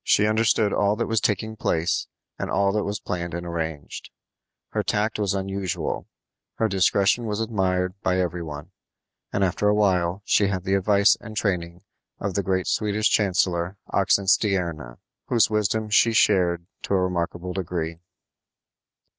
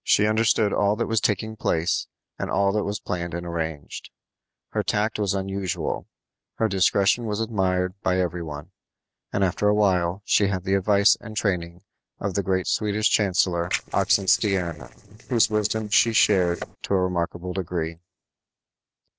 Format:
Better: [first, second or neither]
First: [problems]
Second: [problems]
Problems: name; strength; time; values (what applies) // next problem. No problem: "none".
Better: first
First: none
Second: noise reduction (neural separator model SepFormer DNS4)